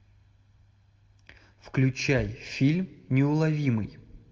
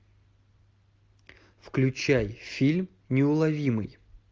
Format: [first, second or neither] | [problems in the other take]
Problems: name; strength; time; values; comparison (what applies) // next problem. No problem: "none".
second | room echo; dies away in 0.3 s